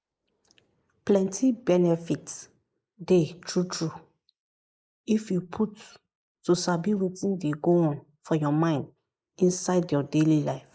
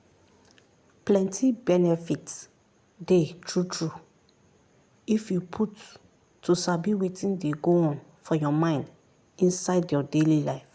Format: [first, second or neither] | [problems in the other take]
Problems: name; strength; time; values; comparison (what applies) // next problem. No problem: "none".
second | noise reduction (neural mask model Resemble Enhance denoiser)